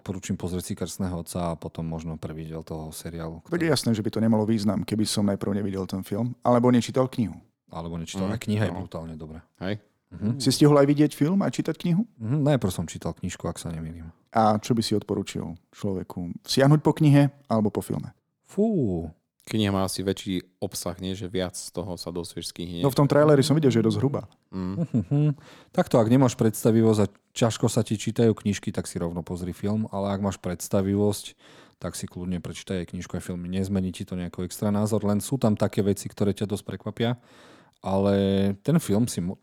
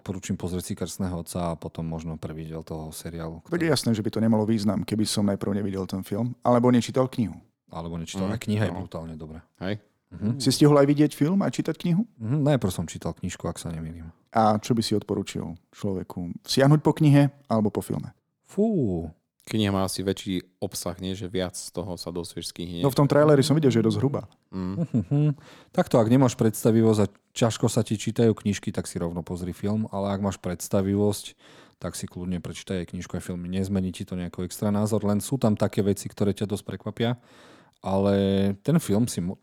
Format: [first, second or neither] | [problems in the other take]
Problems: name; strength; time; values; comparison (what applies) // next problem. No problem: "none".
neither | none